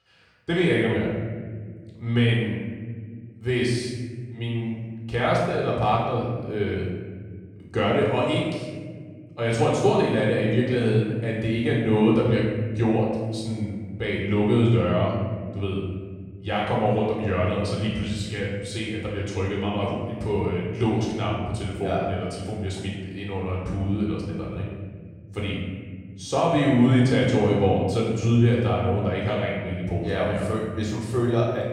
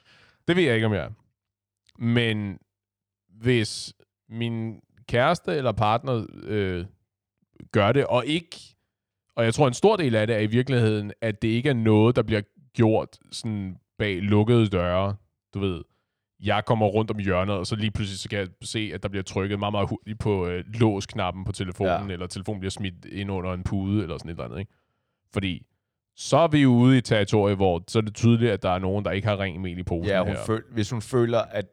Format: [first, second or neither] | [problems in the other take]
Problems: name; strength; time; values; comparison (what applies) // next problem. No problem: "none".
second | off-mic speech; far // room echo; noticeable; dies away in 1.5 s